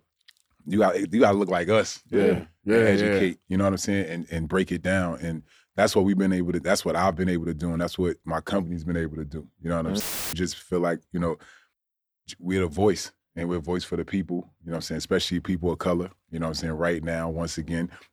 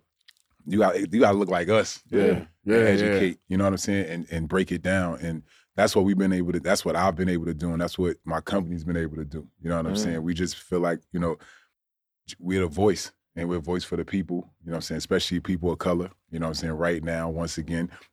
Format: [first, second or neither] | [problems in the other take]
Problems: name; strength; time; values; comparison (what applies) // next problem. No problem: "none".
second | audio cutting out; filled with static; at 10 s